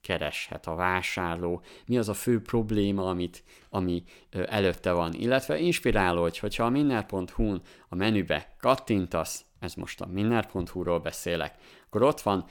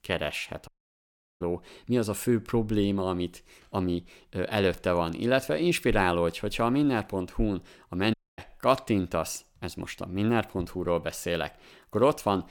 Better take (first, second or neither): first